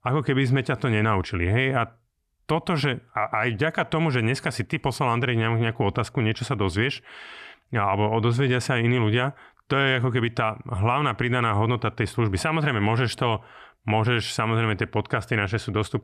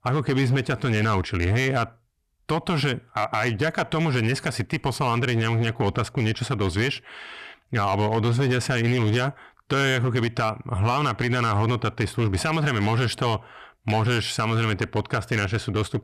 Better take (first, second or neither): first